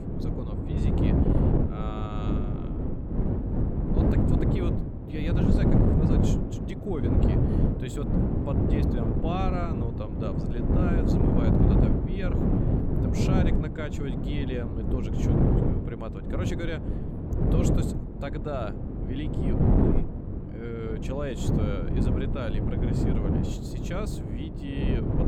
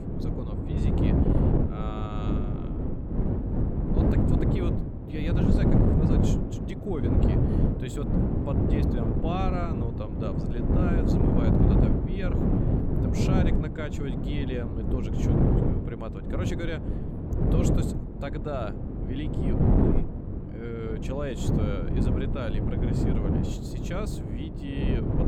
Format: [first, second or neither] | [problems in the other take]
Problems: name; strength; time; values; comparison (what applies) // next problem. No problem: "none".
neither | wind noise on the microphone; heavy; 4 dB above the speech; the same in both